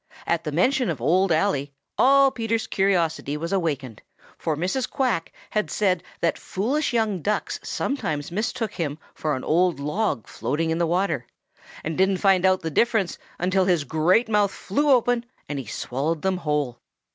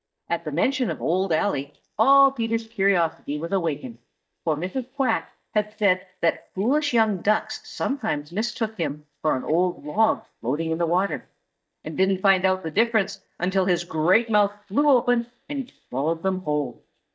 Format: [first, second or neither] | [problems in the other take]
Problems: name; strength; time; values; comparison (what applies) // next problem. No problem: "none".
first | noise reduction (neural mask model DeepFilterNet 3)